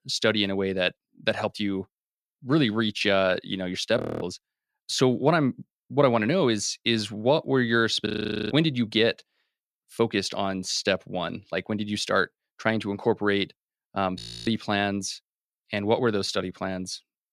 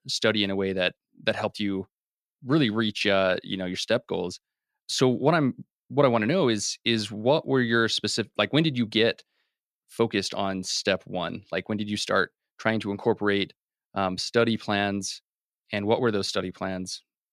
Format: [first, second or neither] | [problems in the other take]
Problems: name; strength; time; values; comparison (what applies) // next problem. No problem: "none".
second | audio freezing; at 4 s, at 8 s and at 14 s